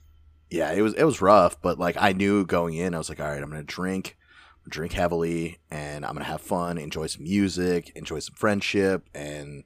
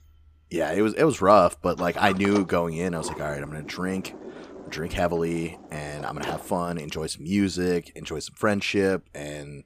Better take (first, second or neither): first